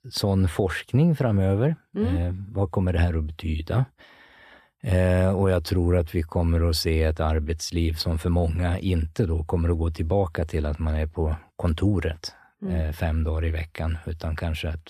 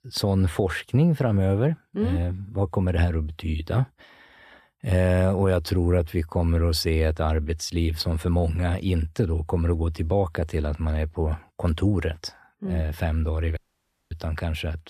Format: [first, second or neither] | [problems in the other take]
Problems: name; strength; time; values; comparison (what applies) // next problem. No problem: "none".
first | audio cutting out; at 14 s for 0.5 s